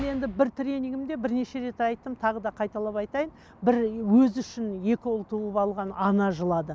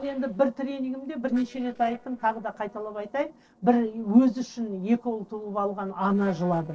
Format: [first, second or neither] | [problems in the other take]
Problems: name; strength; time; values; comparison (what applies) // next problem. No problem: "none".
first | noise reduction (neural separator model SepFormer DNS4)